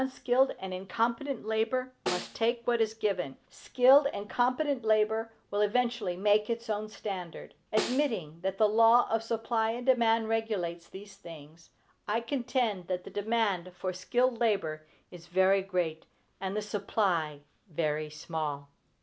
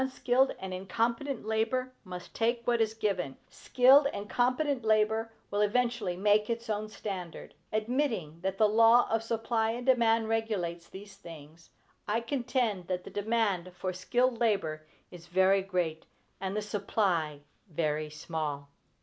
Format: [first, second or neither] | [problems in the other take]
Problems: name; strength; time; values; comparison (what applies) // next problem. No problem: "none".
second | background sound (Snare drum); 9 dB below the speech